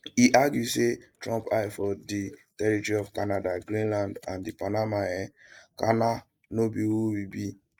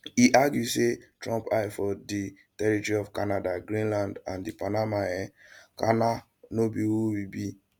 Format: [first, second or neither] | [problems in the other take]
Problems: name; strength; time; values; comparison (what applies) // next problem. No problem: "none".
second | noise reduction (neural mask model Resemble Enhance denoiser)